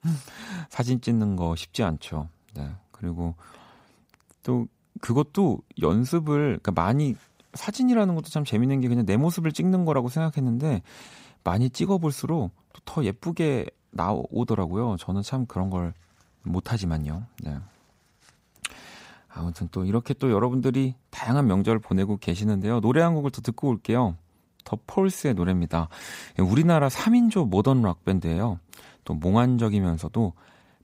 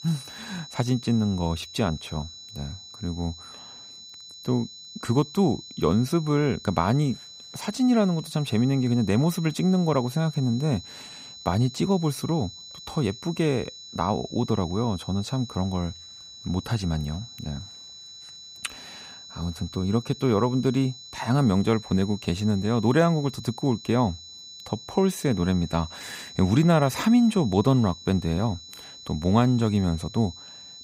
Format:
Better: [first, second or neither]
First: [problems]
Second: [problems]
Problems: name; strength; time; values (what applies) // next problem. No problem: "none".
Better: first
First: none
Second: high-pitched whine; noticeable; throughout; 4 kHz, 15 dB below the speech